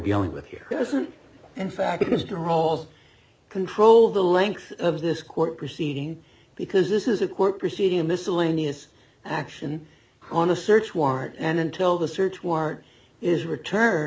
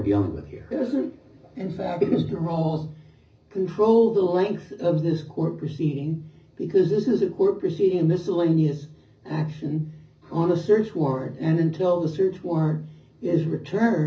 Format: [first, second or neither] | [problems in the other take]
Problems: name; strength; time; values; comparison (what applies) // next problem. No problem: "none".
first | room echo; dies away in 0.4 s